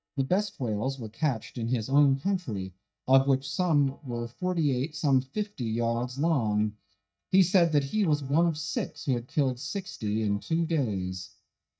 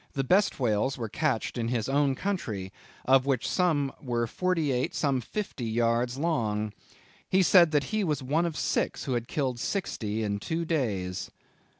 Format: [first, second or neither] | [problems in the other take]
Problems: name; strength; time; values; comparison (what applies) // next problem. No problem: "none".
second | noise reduction (neural mask model DeepFilterNet 3)